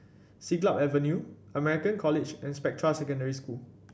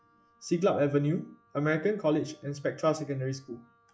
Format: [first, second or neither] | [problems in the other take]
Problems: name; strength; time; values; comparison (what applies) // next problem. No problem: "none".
first | noise reduction (classical method log-MMSE)